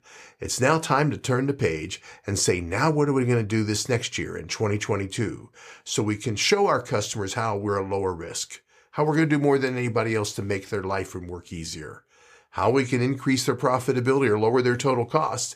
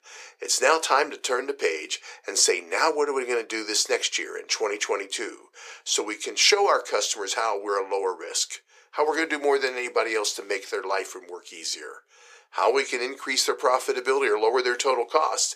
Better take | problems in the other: first | thin; very; fading below 400 Hz

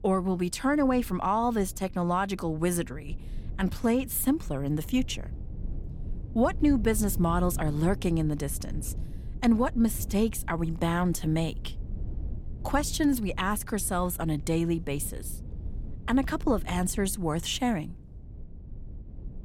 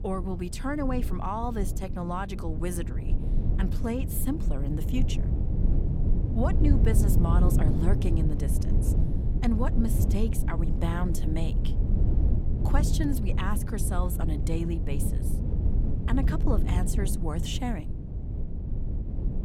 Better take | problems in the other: first | low rumble; loud; throughout; 5 dB below the speech; faint in the first

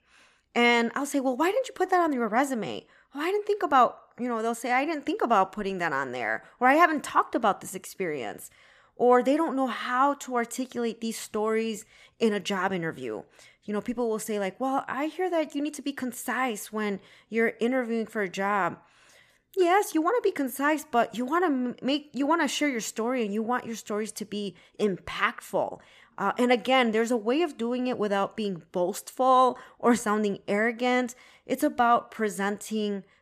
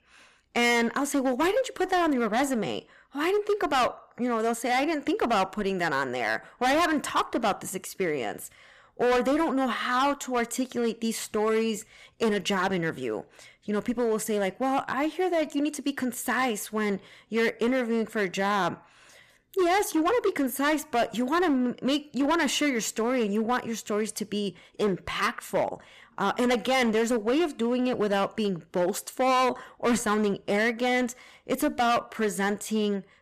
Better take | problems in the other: first | distortion; heavy; 10% of the sound clipped

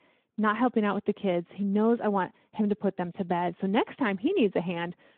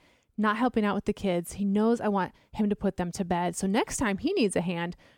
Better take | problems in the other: second | phone-call audio

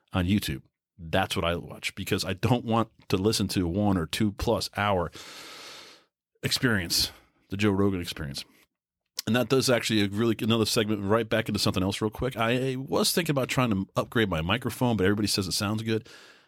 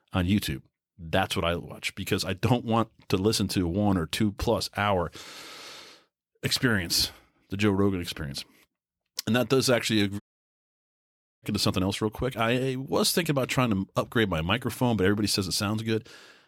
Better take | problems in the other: first | audio cutting out; at 10 s for 1 s

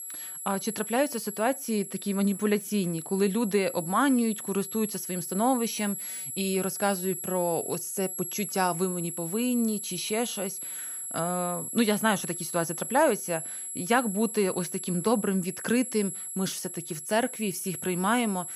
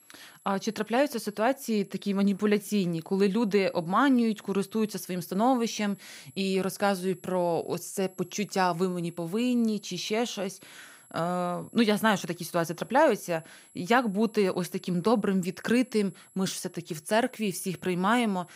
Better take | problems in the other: second | high-pitched whine; loud; throughout; 11 kHz, 6 dB below the speech; faint in the second

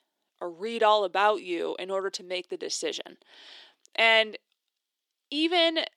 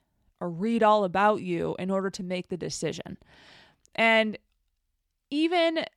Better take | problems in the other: second | thin; somewhat; fading below 350 Hz

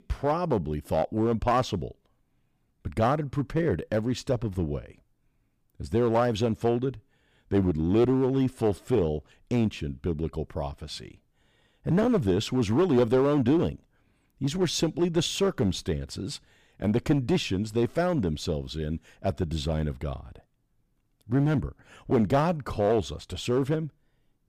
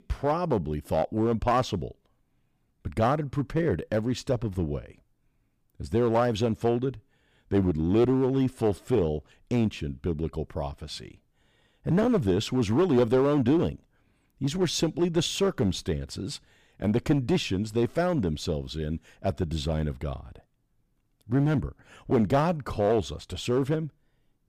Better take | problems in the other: neither | distortion; slight; 4% of the sound clipped; the same in both

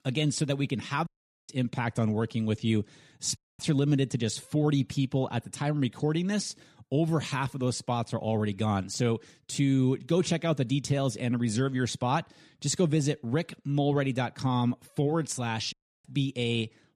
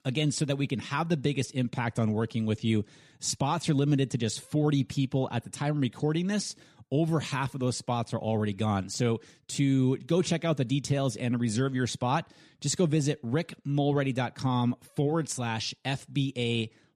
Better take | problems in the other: second | audio cutting out; at 1 s, at 3.5 s and at 16 s

